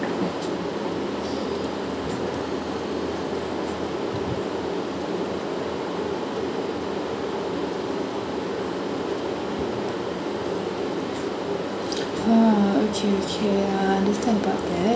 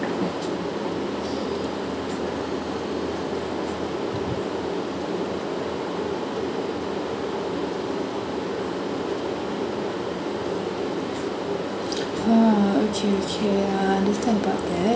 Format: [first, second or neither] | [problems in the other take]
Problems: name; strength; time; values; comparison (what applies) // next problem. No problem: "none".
second | background sound (Printer); 12 dB below the speech